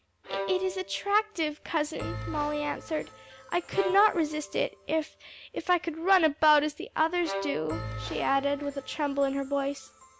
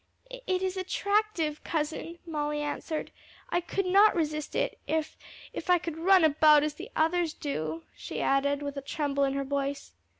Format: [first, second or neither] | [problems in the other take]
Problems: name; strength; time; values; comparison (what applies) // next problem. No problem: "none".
second | background sound (Bell + Bowed string instrument); 12 dB below the speech